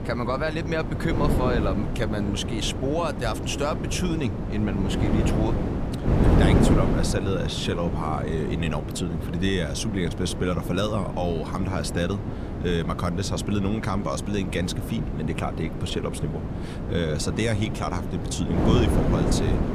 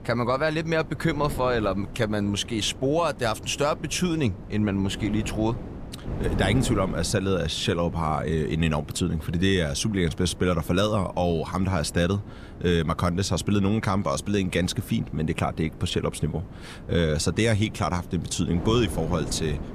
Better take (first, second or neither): second